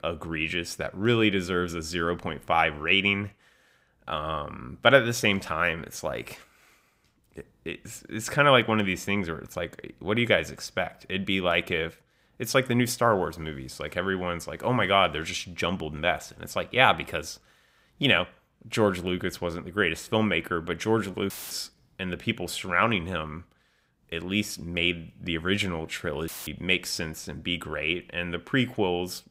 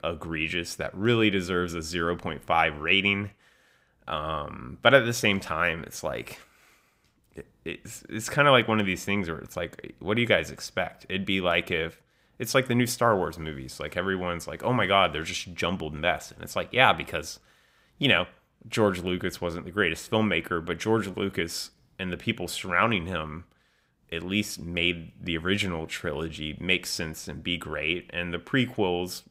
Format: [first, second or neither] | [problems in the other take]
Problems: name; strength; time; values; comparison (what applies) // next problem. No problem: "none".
second | audio cutting out; filled with static; at 21 s and at 26 s